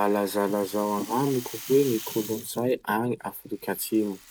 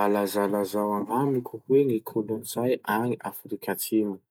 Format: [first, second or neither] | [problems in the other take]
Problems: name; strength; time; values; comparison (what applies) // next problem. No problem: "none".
second | background sound (Rattle (instrument)); 16 dB below the speech